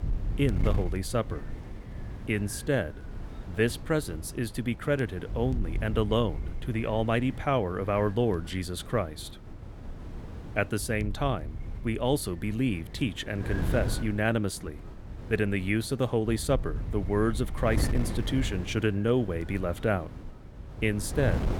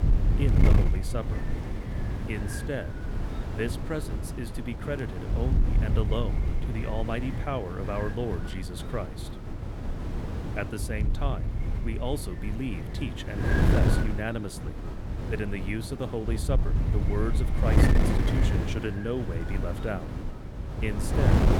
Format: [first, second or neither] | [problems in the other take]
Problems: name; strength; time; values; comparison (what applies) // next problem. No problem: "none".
first | wind noise on the microphone; heavy; 2 dB below the speech; occasional gusts in the first